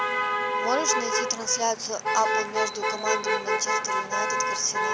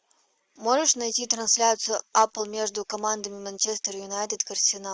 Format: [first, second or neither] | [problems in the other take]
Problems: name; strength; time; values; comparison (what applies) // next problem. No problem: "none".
second | background sound (Motor vehicle (road)); 3 dB above the speech